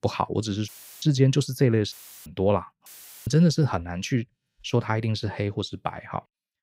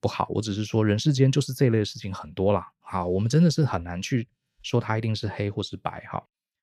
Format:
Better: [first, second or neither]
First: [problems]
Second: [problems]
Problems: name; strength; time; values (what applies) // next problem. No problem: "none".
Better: second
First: audio cutting out; filled with static; at 0.5 s, at 2 s and at 3 s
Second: none